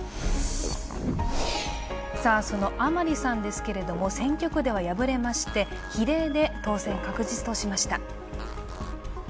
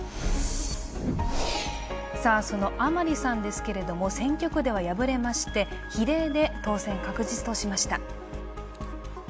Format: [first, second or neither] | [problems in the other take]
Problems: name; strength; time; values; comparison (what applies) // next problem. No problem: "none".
second | background sound (Fart + Wind); 16 dB below the speech